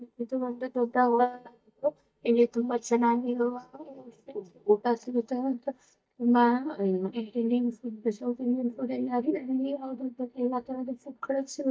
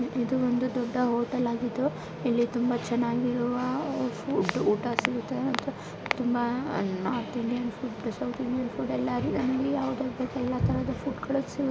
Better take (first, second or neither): second